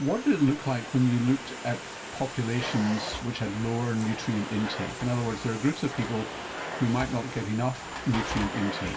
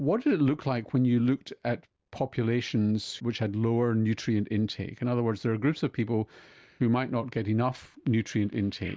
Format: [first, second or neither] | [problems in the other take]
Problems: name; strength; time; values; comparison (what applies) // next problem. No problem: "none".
second | background sound (Domestic sounds, home sounds); 8 dB below the speech // room echo; dies away in 0.2 s